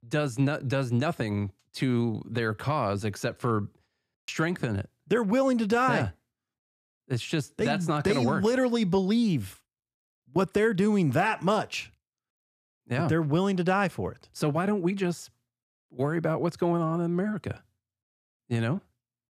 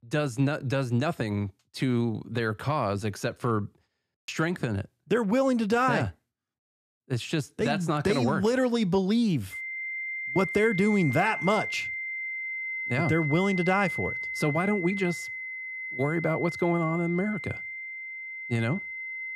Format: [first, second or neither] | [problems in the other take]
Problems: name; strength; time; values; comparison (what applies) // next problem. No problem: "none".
first | high-pitched whine; loud; from 9.5 s on; 2 kHz, 5 dB below the speech